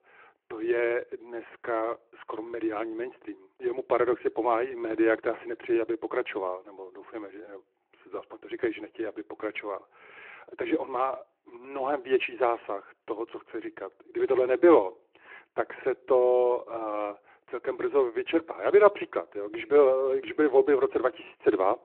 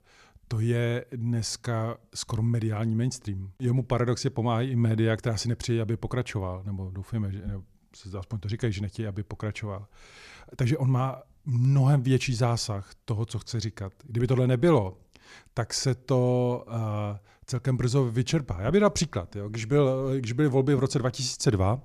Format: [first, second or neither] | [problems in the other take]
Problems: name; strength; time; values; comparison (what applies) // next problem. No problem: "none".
second | phone-call audio